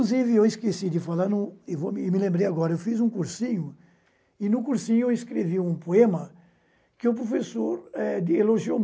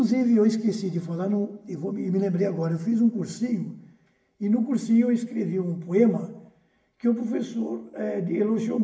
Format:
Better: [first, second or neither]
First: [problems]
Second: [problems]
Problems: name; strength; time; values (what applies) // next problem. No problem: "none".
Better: first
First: none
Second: room echo; dies away in 0.8 s